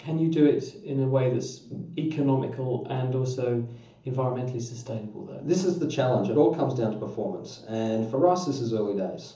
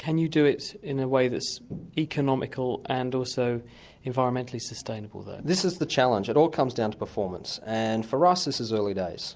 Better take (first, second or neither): second